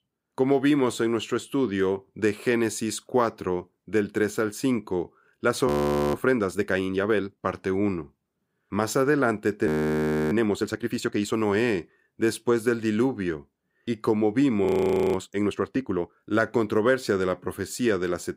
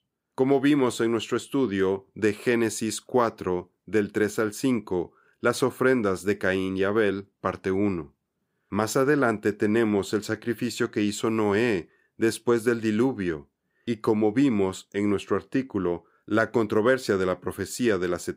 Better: second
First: audio freezing; at 5.5 s, at 9.5 s for 0.5 s and at 15 s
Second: none

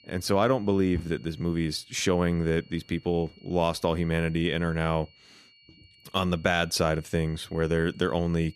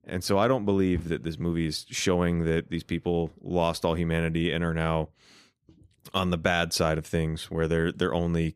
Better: second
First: high-pitched whine; faint; throughout; 3 kHz, 30 dB below the speech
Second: none

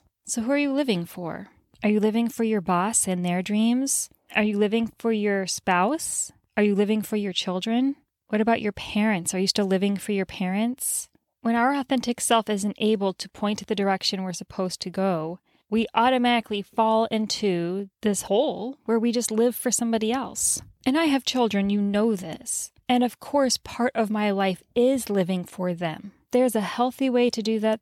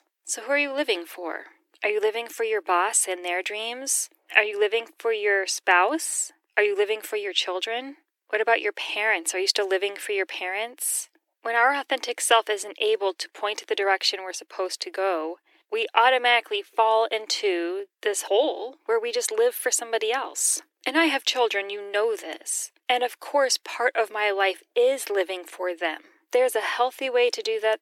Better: first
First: none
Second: thin; very; fading below 300 Hz

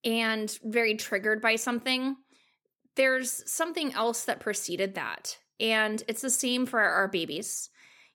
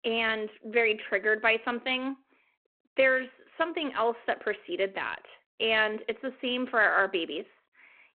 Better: first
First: none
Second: phone-call audio

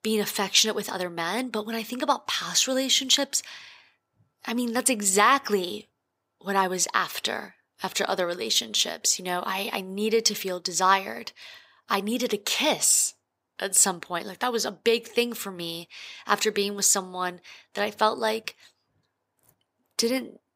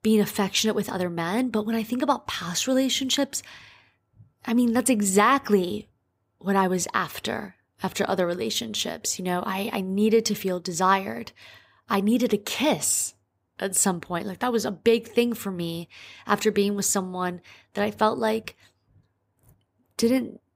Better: second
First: thin; very slightly; fading below 550 Hz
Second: none

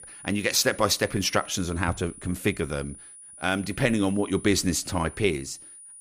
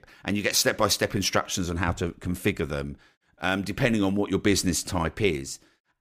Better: second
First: high-pitched whine; noticeable; throughout; 9.5 kHz, 15 dB below the speech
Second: none

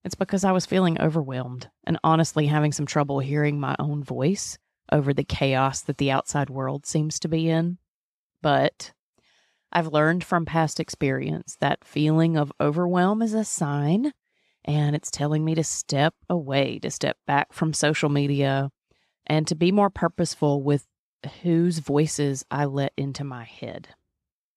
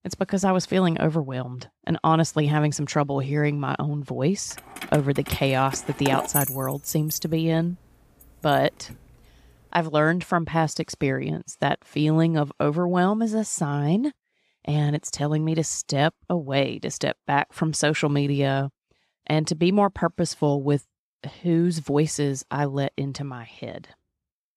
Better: first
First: none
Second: jangling keys; noticeable; from 4.5 to 9 s; peak 1 dB below the speech

